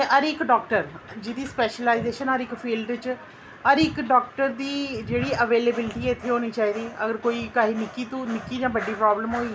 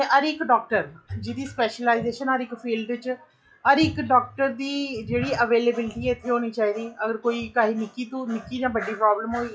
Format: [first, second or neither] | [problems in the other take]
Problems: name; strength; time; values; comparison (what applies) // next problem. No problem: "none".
first | noise reduction (classical method log-MMSE)